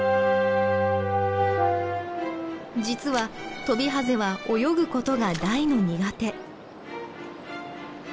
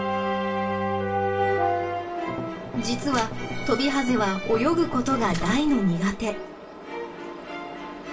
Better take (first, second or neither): first